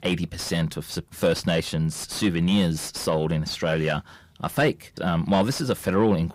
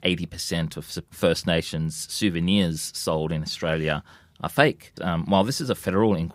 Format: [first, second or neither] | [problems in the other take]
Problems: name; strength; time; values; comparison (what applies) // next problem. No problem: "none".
second | distortion; slight; 10 dB below the speech